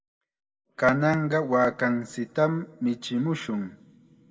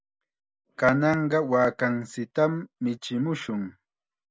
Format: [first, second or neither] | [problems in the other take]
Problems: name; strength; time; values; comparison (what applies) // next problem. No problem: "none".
second | room echo; dies away in 1.4 s